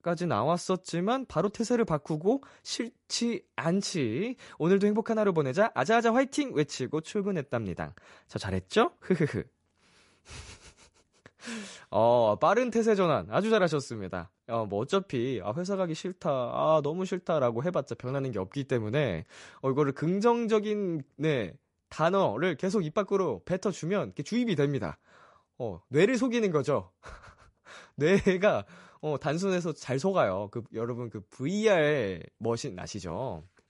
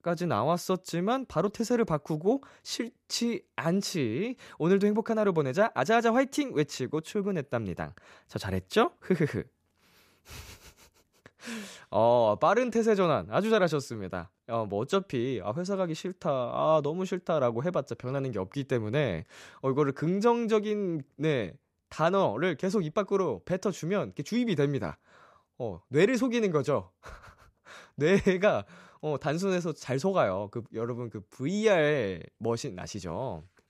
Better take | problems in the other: second | garbled, watery; slightly; nothing above 11 kHz

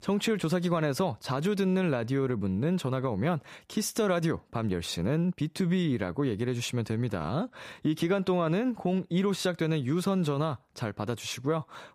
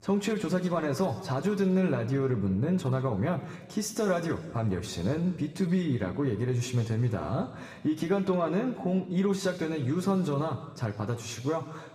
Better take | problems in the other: first | room echo; slight; dies away in 1.3 s

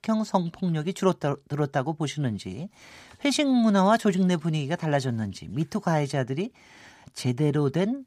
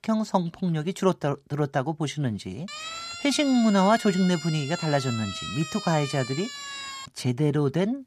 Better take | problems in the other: first | siren; noticeable; from 2.5 to 7 s; peak 8 dB below the speech

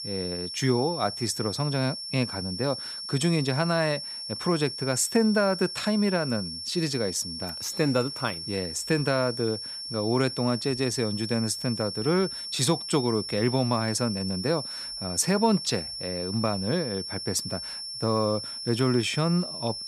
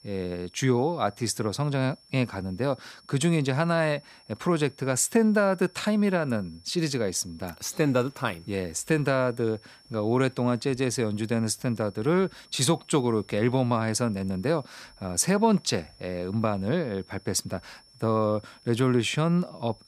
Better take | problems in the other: second | high-pitched whine; loud; throughout; 5.5 kHz, 6 dB below the speech; faint in the second

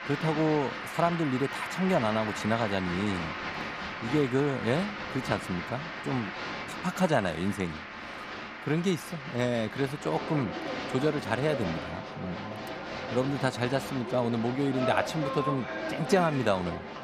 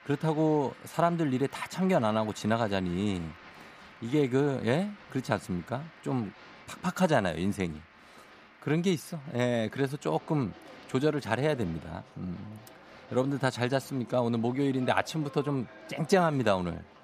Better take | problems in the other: second | crowd noise; loud; throughout; 6 dB below the speech; faint in the second

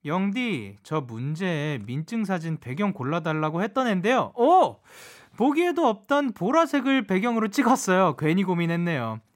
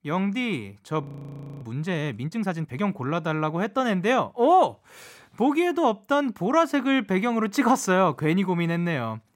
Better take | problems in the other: first | audio freezing; at 1 s for 0.5 s

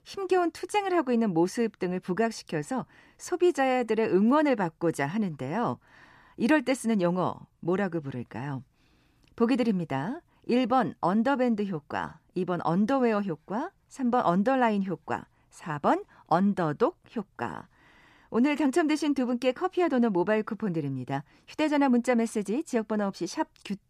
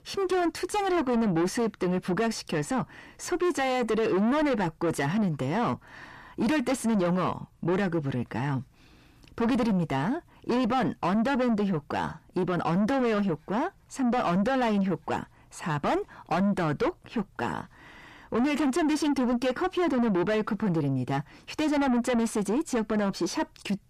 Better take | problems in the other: first | distortion; heavy; 6 dB below the speech

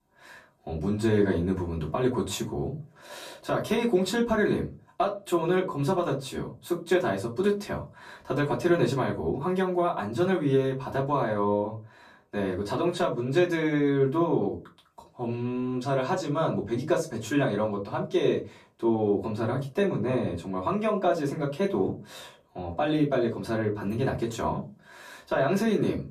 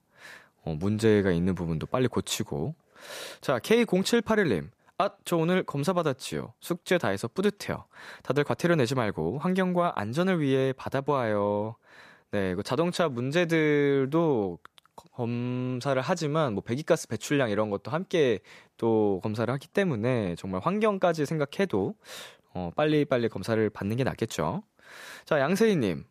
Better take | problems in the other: second | off-mic speech; far // room echo; very slight; dies away in 0.3 s

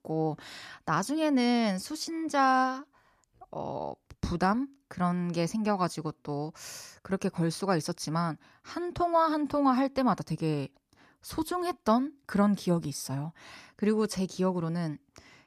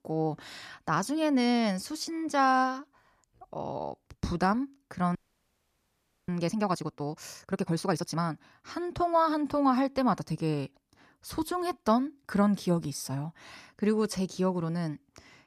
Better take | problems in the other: first | audio freezing; at 5 s for 1 s

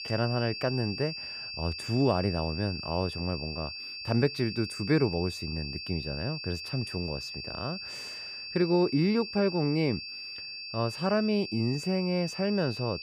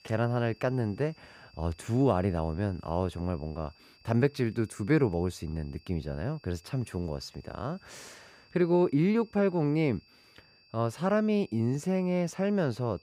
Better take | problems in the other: second | high-pitched whine; loud; throughout; 4.5 kHz, 7 dB below the speech; faint in the second

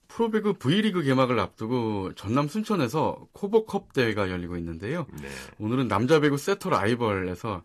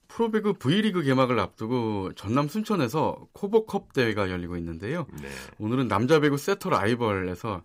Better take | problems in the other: second | garbled, watery; slightly; nothing above 13 kHz

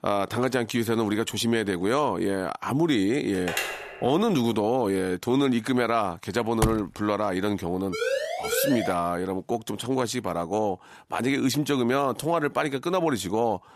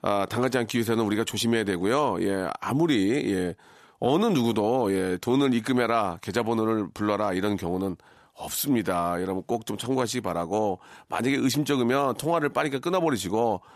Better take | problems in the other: second | phone ringing; noticeable; at 3.5 s; peak 3 dB below the speech // door banging; noticeable; at 6.5 s; peak 3 dB below the speech // siren; noticeable; from 8 to 9 s; peak 1 dB below the speech

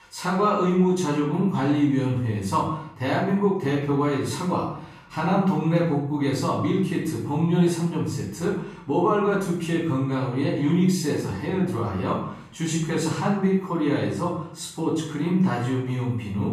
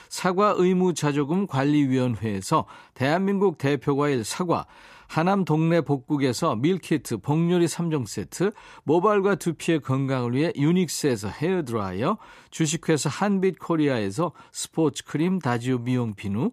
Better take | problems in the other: second | off-mic speech; far // room echo; noticeable; dies away in 0.6 s

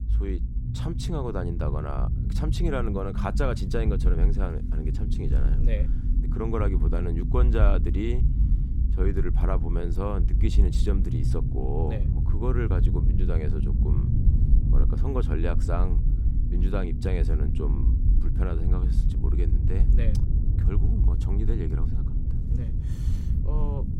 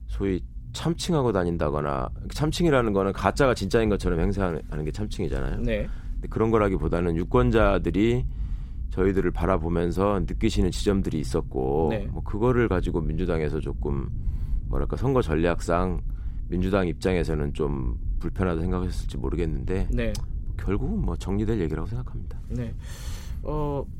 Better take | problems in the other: second | low rumble; loud; throughout; 6 dB below the speech; faint in the second

